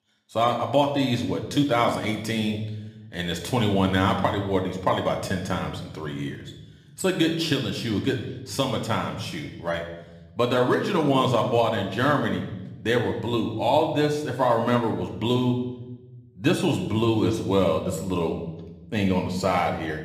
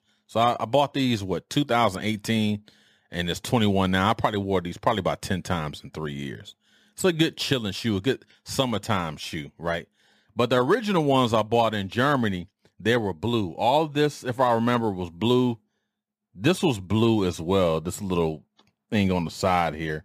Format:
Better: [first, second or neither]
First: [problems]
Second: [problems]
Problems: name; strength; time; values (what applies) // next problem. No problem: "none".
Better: second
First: room echo; slight; dies away in 0.9 s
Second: none